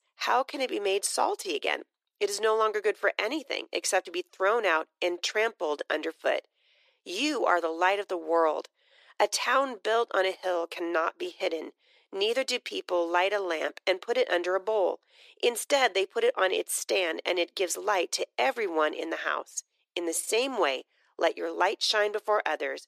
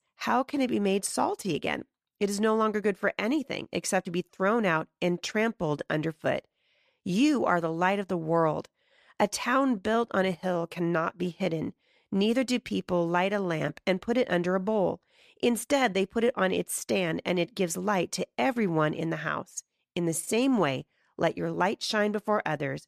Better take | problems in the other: second | thin; very; fading below 350 Hz

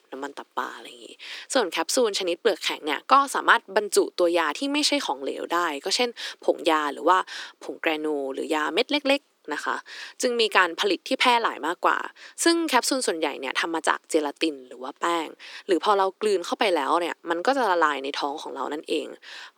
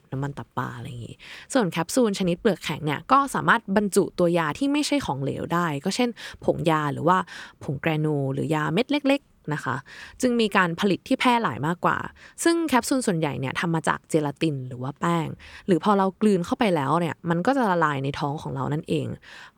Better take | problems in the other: second | thin; somewhat; fading below 300 Hz

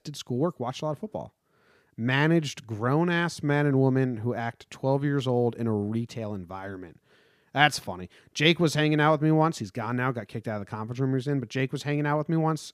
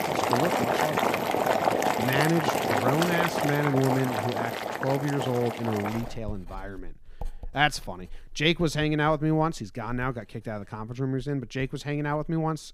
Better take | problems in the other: first | household noises; very loud; throughout; 1 dB above the speech

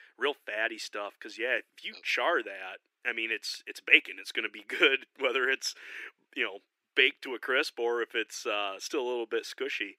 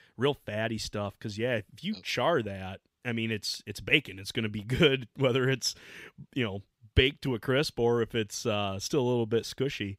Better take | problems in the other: second | thin; very; fading below 300 Hz

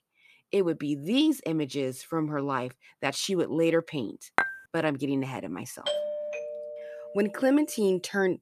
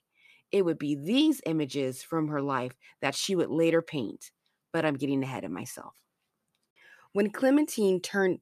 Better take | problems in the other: second | clattering dishes; loud; at 4.5 s; peak level with the speech // doorbell; noticeable; from 6 to 7.5 s; peak 2 dB below the speech

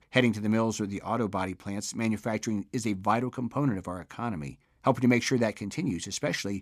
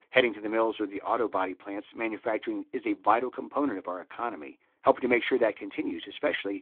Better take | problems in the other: first | phone-call audio

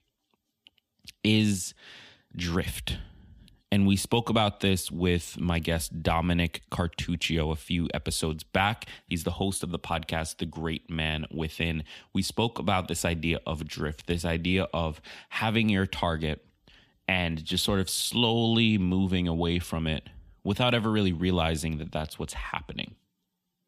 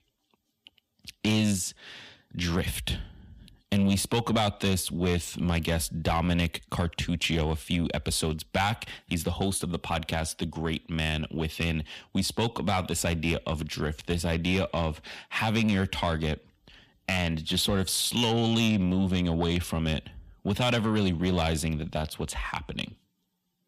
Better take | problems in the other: first | distortion; slight; 10 dB below the speech

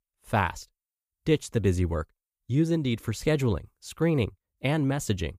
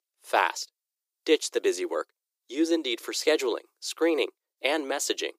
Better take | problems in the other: first | thin; very; fading below 350 Hz

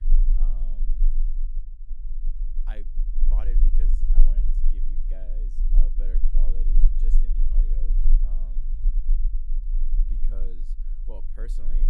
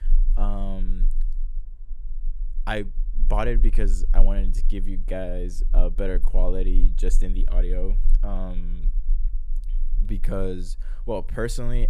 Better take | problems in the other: second | low rumble; loud; throughout; 3 dB below the speech; faint in the second

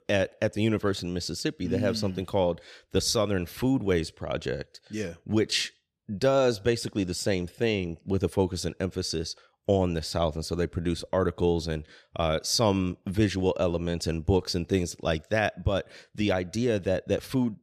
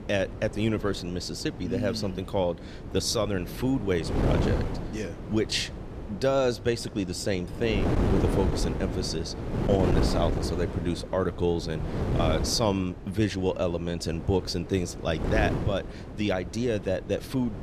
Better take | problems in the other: first | wind noise on the microphone; heavy; 7 dB below the speech

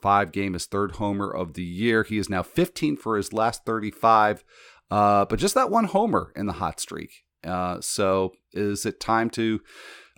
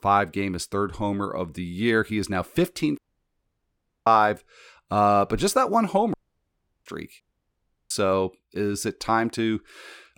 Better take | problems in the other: first | audio cutting out; at 3 s for 1 s, at 6 s for 0.5 s and at 7 s for 0.5 s

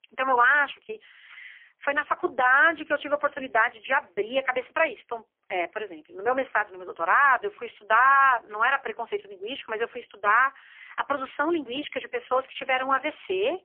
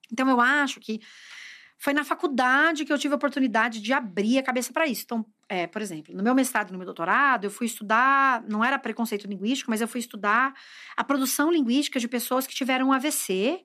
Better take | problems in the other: second | phone-call audio; poor line; nothing above 3 kHz

